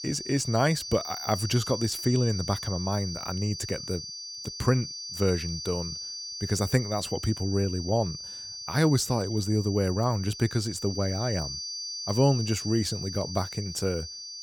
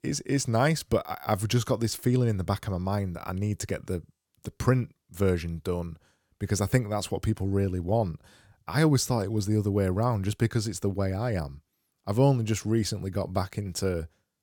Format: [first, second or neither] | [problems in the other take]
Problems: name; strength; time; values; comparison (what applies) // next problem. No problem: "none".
second | high-pitched whine; loud; throughout; 4.5 kHz, 7 dB below the speech